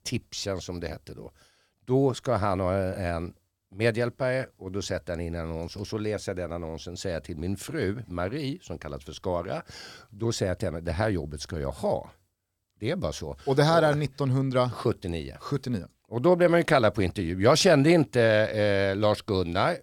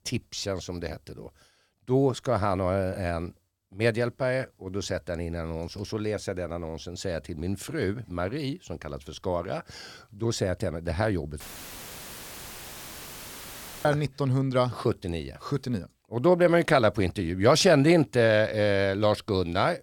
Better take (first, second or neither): first